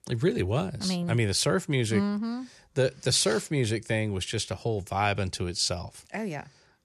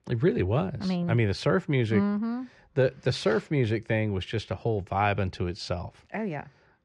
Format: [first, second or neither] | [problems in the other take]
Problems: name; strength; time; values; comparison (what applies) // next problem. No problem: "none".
first | muffled; slightly; fading above 2.5 kHz